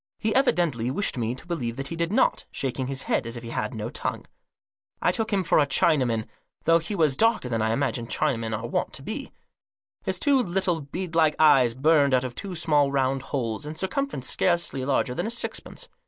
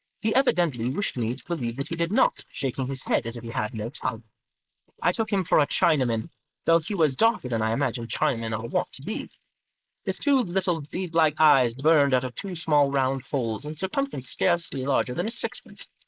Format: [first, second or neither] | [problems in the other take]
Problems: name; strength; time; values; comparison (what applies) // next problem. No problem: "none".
first | noise reduction (neural mask model Resemble Enhance denoiser)